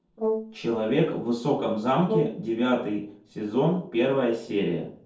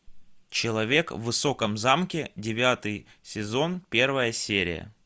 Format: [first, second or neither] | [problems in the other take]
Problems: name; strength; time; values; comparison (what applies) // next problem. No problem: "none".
second | noise reduction (neural separator model SepFormer DNS4)